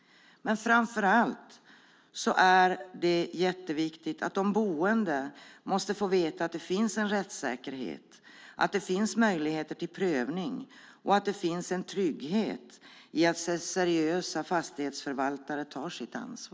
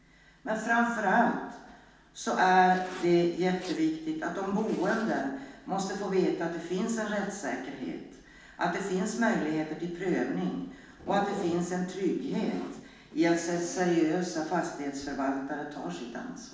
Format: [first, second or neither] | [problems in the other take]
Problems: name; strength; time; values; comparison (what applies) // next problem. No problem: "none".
first | background sound (Zipper (clothing)); 20 dB below the speech // room echo; dies away in 0.9 s